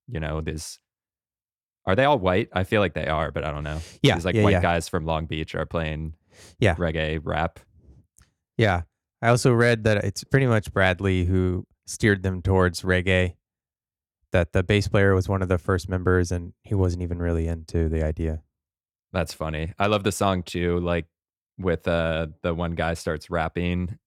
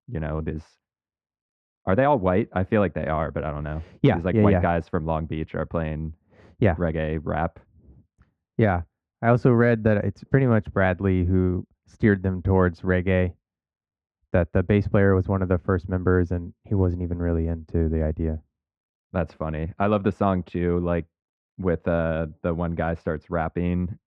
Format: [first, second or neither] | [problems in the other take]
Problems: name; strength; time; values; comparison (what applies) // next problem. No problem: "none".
first | muffled; very; fading above 1.5 kHz